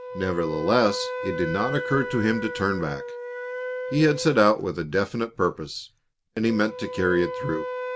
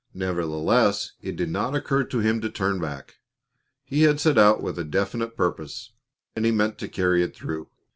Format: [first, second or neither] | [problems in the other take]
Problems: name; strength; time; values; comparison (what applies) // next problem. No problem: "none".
second | background sound (Wind instrument, woodwind instrument); 8 dB below the speech